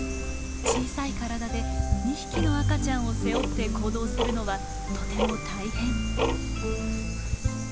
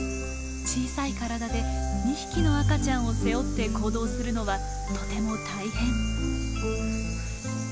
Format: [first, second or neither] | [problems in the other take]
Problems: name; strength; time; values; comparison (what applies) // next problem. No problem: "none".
second | background sound (Tick-tock); 5 dB below the speech